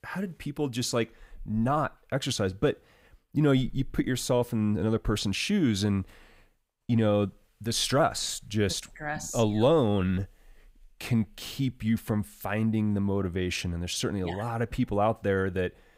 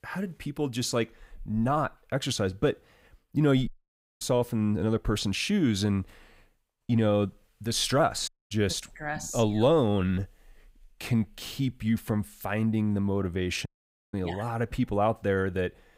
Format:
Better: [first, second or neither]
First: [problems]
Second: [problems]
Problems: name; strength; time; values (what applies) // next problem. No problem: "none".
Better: first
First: none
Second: audio cutting out; at 3.5 s for 0.5 s, at 8.5 s and at 14 s